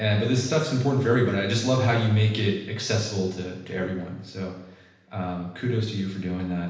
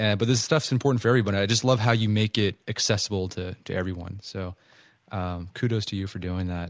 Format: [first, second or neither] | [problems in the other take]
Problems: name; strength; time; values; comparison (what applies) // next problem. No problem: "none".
second | room echo; dies away in 0.9 s